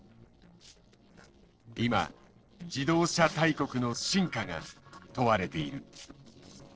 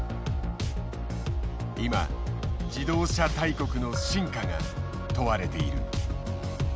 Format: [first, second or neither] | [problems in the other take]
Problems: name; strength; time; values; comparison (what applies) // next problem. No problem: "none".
second | noise reduction (neural separator model SepFormer DNS4)